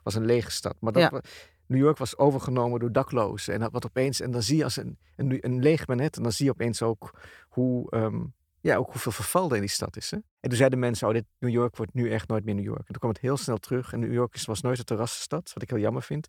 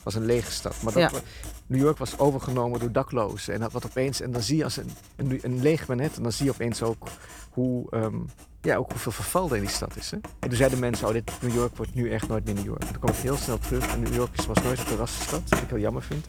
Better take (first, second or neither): first